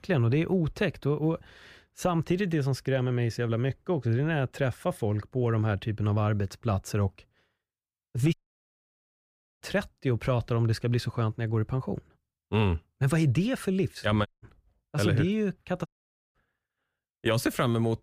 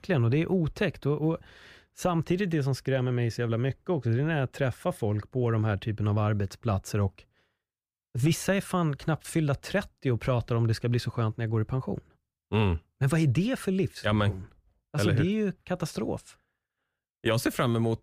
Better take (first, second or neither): second